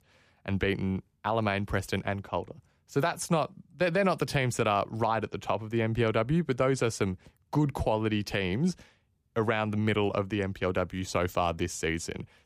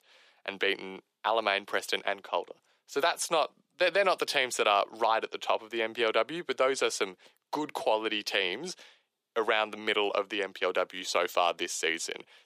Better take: first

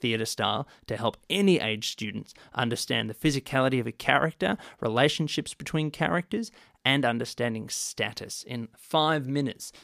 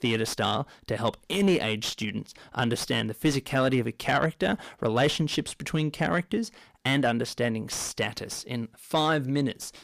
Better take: first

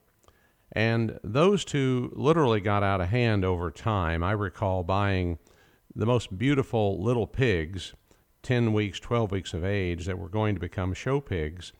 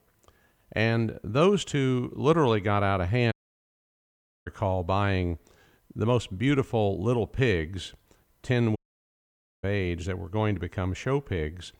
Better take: first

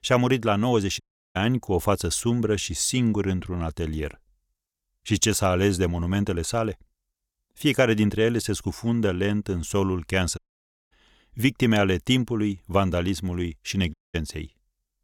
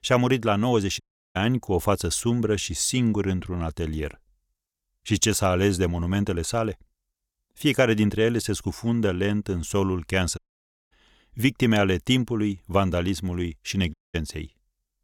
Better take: neither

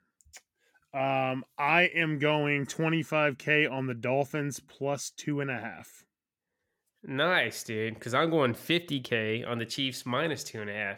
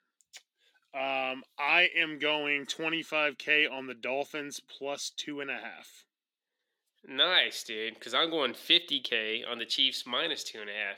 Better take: first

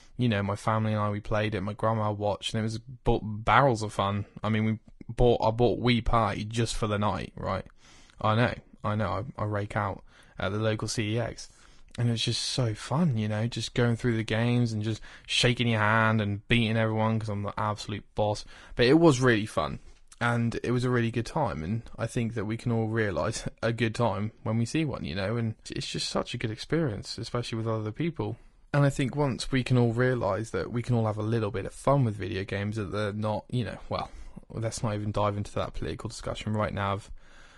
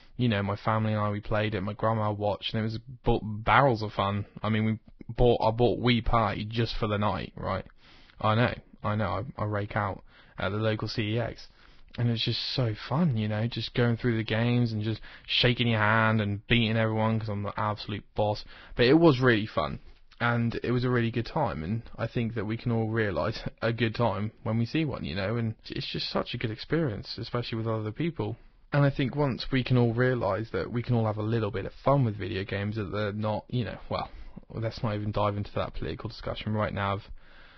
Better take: first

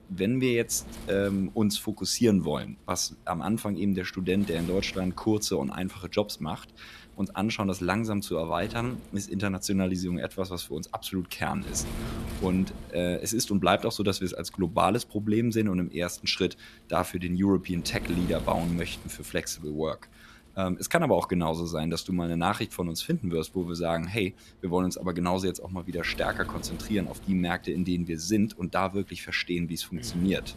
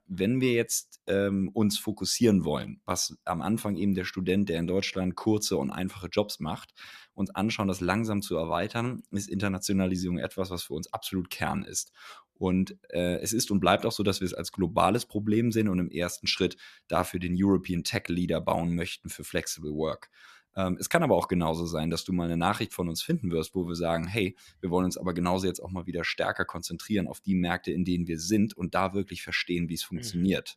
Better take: second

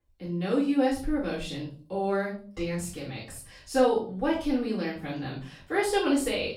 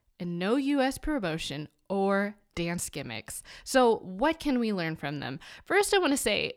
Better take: second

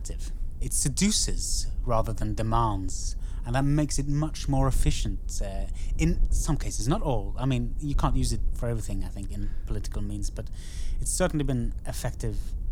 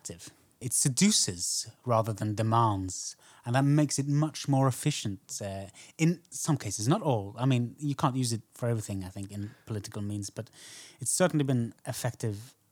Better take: second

